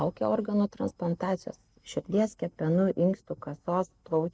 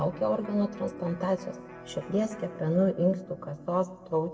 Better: first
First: none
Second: background sound (Electric guitar); 16 dB below the speech // room echo; dies away in 0.7 s

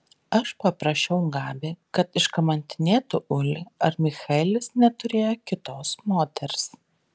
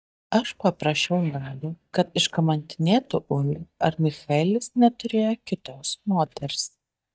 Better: first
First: none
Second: noise reduction (neural mask model DeepFilterNet 3)

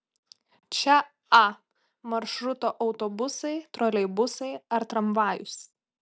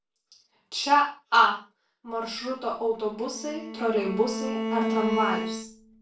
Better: first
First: none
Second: background sound (Bowed string instrument); 5 dB below the speech // room echo; dies away in 0.3 s

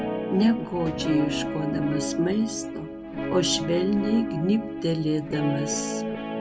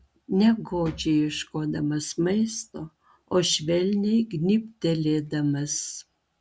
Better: second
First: background sound (Guitar); 4 dB below the speech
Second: none

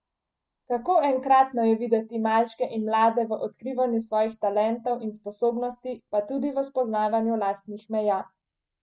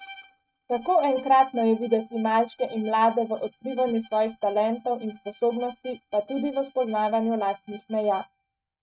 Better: first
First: none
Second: noise reduction (neural mask model RNNoise)

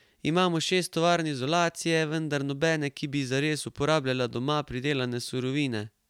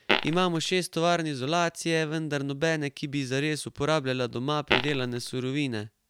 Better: first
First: none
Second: background sound (Fart); 2 dB below the speech

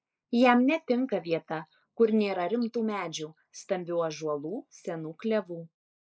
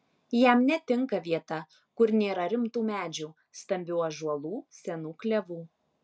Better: second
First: noise reduction (neural mask model Resemble Enhance denoiser)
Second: none

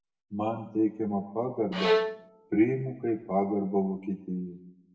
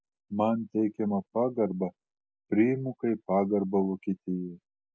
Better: second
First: background sound (Bowed string instrument); 2 dB below the speech // room echo; dies away in 0.8 s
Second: none

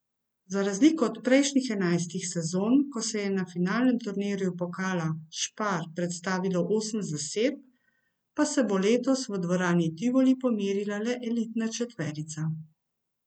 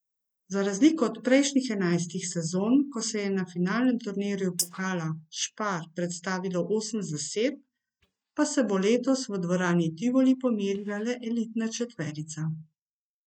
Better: first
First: none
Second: noise reduction (neural mask model DeepFilterNet 3)

